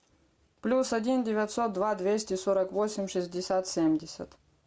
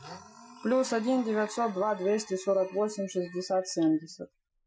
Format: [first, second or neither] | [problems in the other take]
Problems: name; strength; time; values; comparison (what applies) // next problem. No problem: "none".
first | noise reduction (classical method Wiener filter)